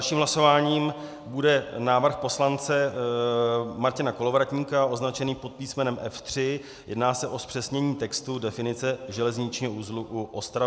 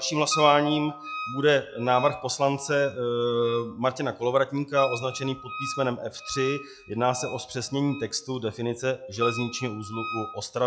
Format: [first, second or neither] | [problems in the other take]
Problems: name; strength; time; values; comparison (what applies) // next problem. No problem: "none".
first | noise reduction (classical method log-MMSE)